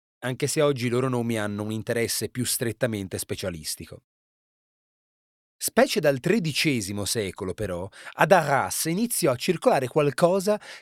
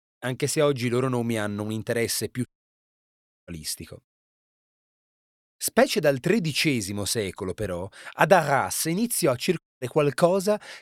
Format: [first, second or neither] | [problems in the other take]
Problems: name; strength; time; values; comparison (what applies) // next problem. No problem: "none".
first | audio cutting out; at 2.5 s for 1 s and at 9.5 s